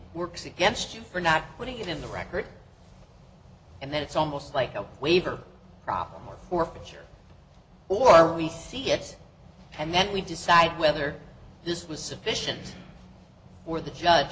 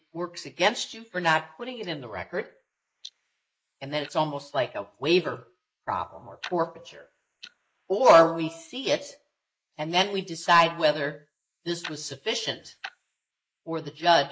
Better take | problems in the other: first | noise reduction (neural mask model Resemble Enhance denoiser)

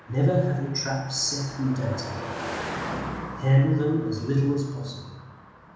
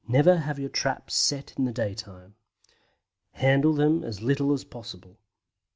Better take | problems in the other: second | background sound (Car passing by); 11 dB below the speech // room echo; dies away in 1 s

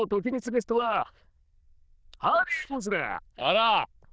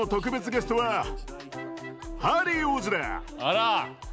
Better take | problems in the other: second | noise reduction (neural diffusion model UNIVERSE++)

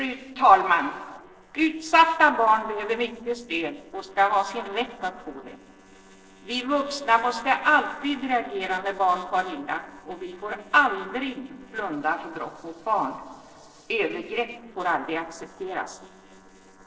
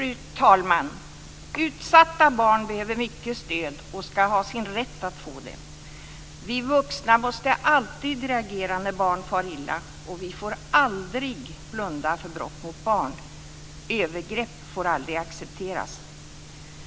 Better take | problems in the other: second | noise reduction (neural separator model SepFormer DNS4)

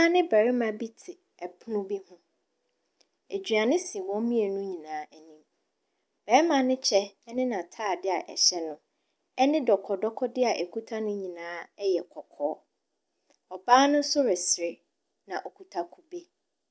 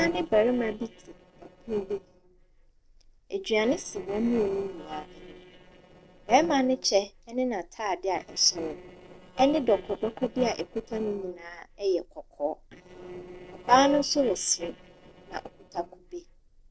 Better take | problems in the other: first | noise reduction (neural separator model SepFormer DNS4)

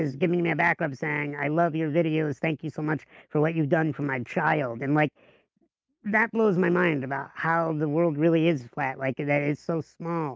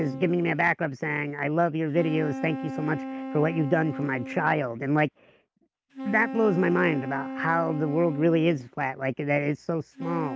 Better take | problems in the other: first | background sound (Wind instrument, woodwind instrument); 11 dB below the speech

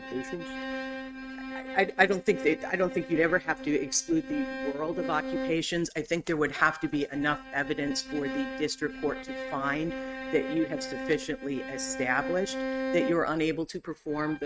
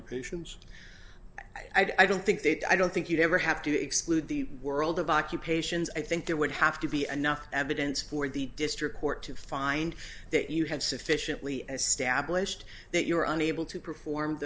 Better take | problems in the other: second | noise reduction (neural mask model RNNoise)

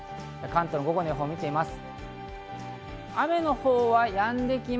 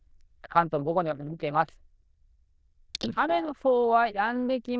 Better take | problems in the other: first | noise reduction (neural diffusion model UNIVERSE++)

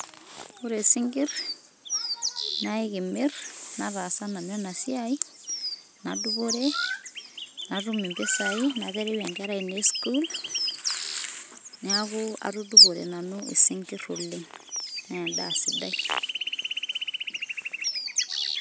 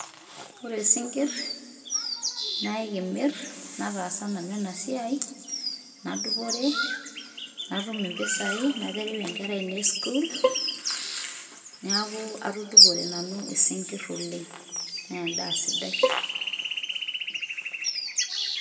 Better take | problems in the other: first | background sound (Bowed string instrument); 5 dB below the speech // room echo; dies away in 1.6 s

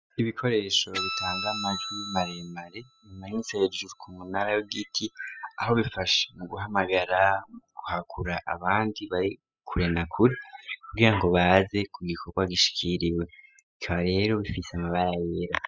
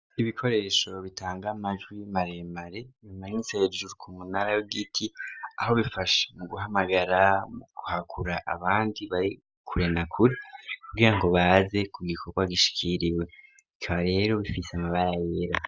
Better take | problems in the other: second | noise reduction (classical method spectral subtraction)

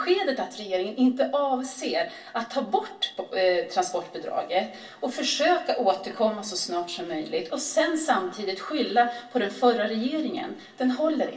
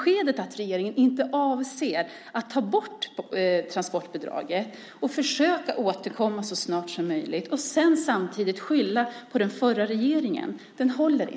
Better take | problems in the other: second | room echo; dies away in 0.2 s

